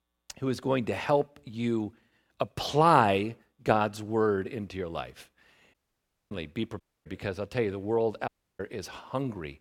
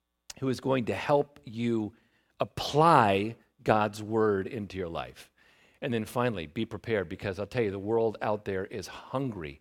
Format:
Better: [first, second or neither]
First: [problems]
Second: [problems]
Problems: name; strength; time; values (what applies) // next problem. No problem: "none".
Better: second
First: audio cutting out; at 5.5 s for 0.5 s, at 7 s and at 8.5 s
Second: none